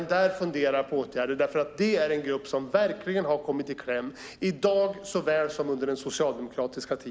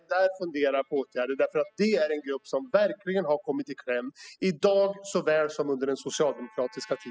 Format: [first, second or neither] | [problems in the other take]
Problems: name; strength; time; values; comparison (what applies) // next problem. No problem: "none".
first | noise reduction (classical method spectral subtraction)